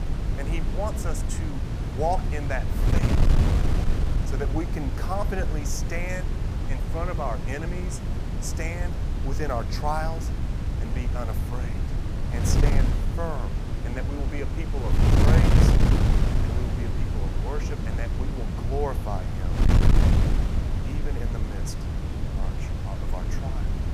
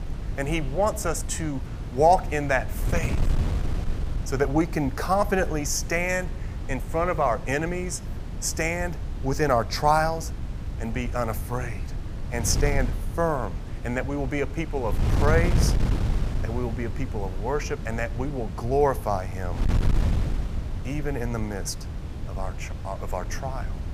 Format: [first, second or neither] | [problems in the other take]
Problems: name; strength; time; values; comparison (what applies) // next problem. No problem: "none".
second | wind noise on the microphone; heavy; 1 dB below the speech; occasional gusts in the second